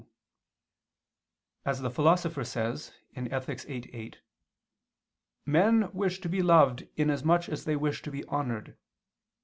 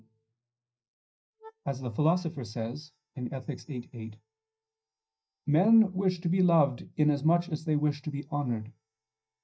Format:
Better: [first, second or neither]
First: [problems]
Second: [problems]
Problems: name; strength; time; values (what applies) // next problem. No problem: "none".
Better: first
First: none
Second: noise reduction (neural mask model DeepFilterNet 3)